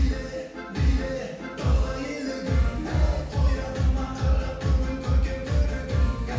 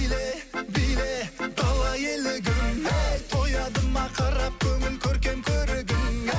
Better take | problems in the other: second | room echo; dies away in 1.2 s

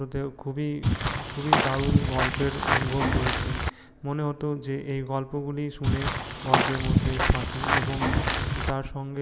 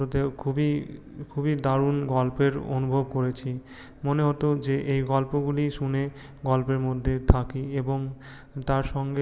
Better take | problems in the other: second | background sound (Walk, footsteps / Bird vocalization, bird call, bird song); 5 dB above the speech

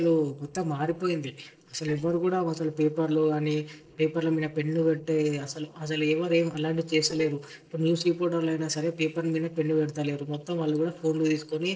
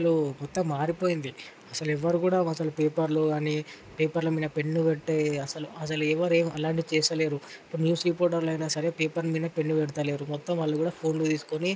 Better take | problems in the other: second | noise reduction (neural separator model SepFormer DNS4)

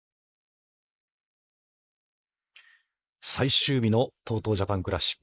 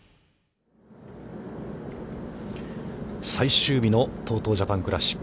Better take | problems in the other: second | noise reduction (neural mask model Resemble Enhance denoiser)

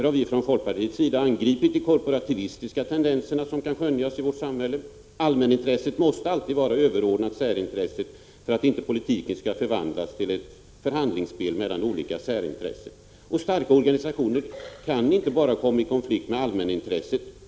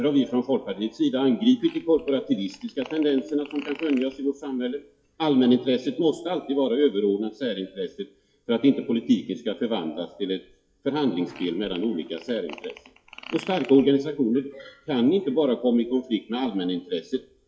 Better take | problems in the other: first | noise reduction (classical method WPE with log-MMSE)

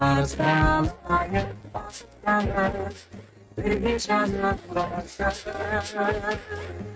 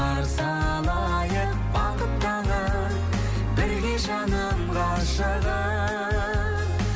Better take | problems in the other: second | noise reduction (neural mask model RNNoise)

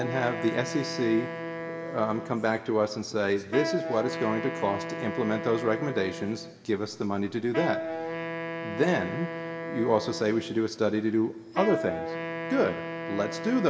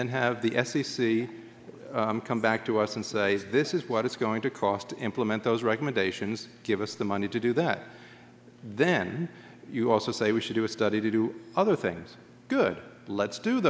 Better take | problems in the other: second | background sound (Wind instrument, woodwind instrument); 7 dB below the speech // room echo; dies away in 2 s

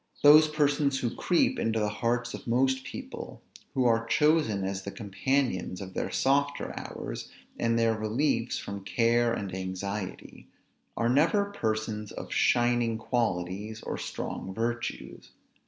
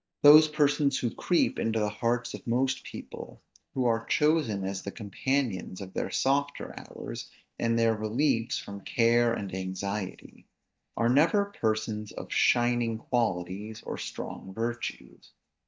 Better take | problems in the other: first | noise reduction (neural mask model DeepFilterNet 3)

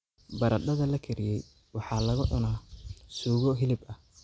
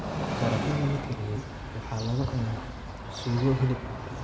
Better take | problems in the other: first | background sound (Train); 5 dB below the speech // room echo; dies away in 2 s

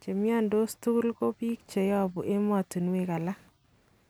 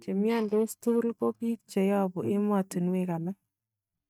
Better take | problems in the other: first | noise reduction (neural mask model DeepFilterNet 3)

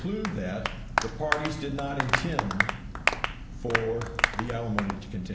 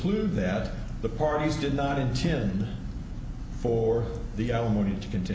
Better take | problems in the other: second | background sound (Applause); as loud as the speech

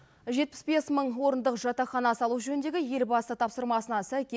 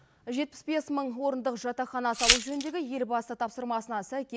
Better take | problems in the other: first | background sound (Glass); 3 dB above the speech

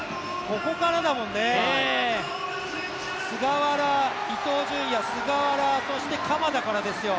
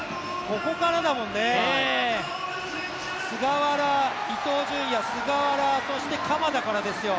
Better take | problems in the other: second | background sound (Wind instrument, woodwind instrument); 20 dB below the speech

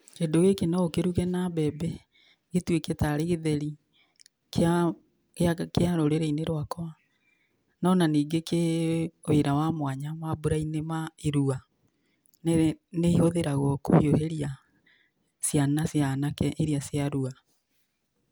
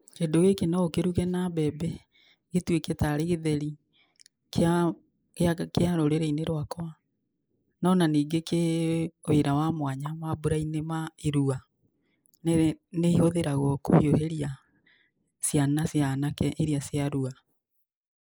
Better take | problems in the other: first | noise reduction (neural mask model Resemble Enhance denoiser)

